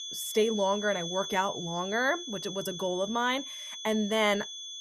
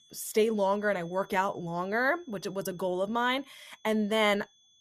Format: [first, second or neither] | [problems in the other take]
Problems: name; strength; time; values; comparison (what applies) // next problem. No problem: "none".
second | high-pitched whine; loud; throughout; 3.5 kHz, 8 dB below the speech; faint in the second